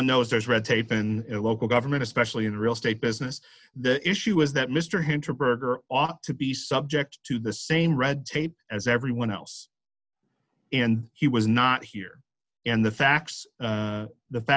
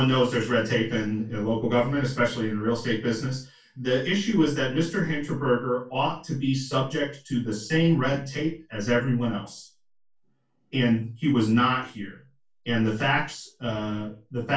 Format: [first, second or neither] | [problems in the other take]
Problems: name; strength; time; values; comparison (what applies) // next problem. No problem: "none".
first | room echo; dies away in 0.3 s